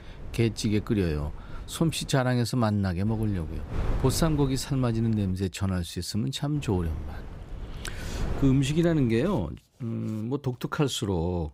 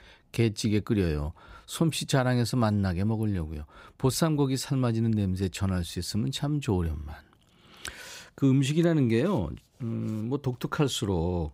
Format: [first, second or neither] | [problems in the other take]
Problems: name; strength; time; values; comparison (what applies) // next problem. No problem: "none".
second | wind noise on the microphone; occasional gusts; until 2 s, from 3 to 5.5 s and from 6.5 to 9.5 s; 15 dB below the speech